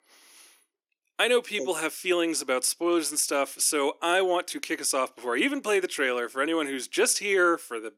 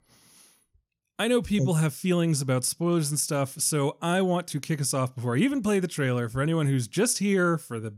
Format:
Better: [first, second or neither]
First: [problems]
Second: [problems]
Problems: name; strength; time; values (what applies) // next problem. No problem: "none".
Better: second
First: thin; very; fading below 300 Hz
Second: none